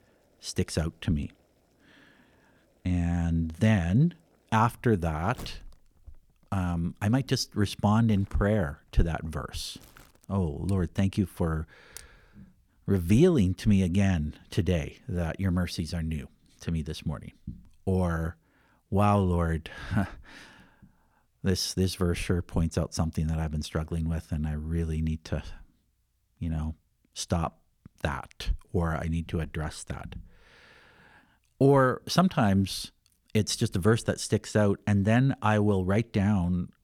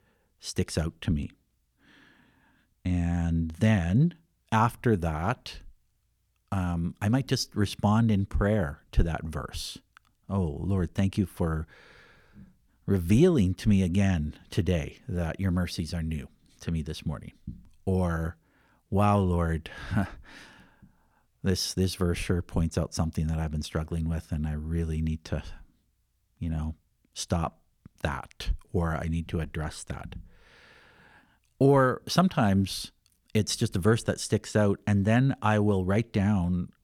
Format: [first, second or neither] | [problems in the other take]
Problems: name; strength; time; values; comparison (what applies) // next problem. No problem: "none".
second | household noises; faint; until 13 s; 25 dB below the speech